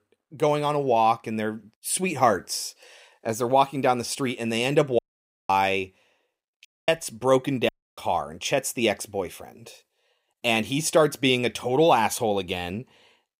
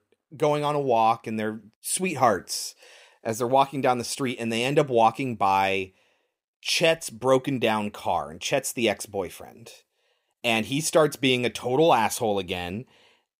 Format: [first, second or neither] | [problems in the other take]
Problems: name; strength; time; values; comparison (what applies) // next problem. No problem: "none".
second | audio cutting out; at 5 s for 0.5 s, at 6.5 s and at 7.5 s